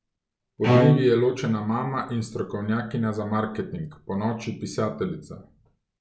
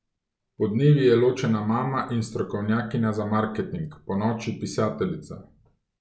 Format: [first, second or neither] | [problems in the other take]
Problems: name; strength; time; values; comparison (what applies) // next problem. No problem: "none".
second | background sound (Bowed string instrument); 1 dB above the speech